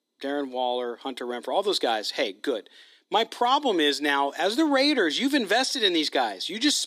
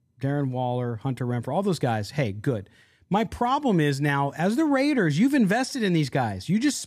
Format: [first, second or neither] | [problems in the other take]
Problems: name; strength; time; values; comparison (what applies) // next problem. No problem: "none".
second | thin; somewhat; fading below 300 Hz